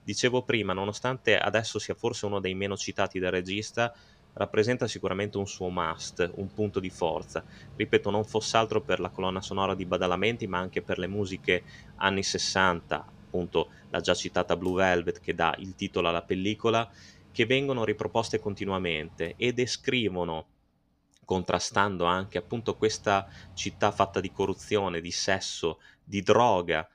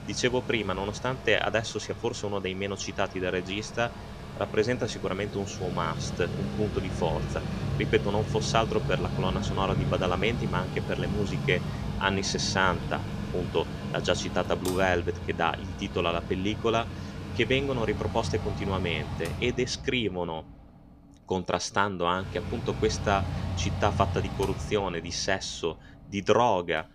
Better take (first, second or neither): first